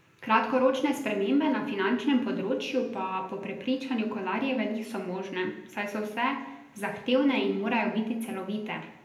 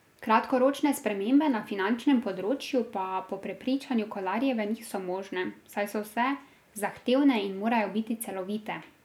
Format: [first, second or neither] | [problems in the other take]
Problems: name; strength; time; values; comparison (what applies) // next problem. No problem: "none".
second | room echo; dies away in 0.8 s